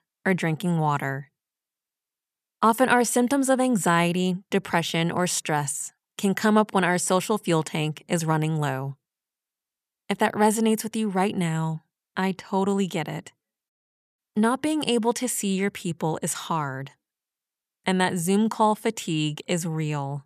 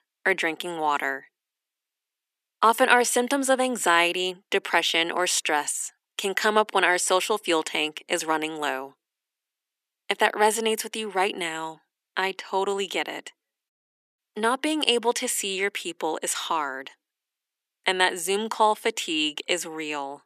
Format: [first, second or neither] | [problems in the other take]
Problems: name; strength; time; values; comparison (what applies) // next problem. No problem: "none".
first | thin; somewhat; fading below 300 Hz